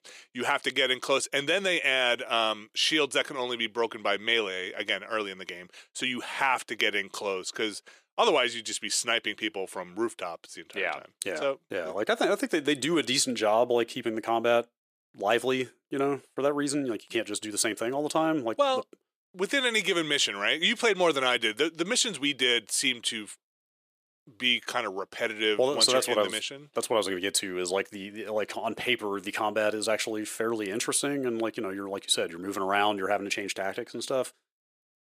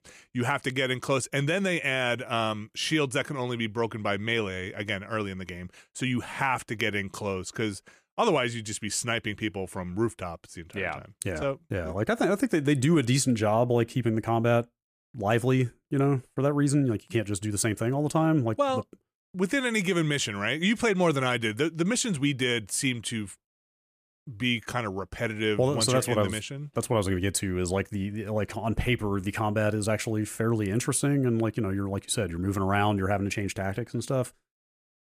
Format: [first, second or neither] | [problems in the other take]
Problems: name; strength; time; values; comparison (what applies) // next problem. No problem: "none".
second | thin; somewhat; fading below 400 Hz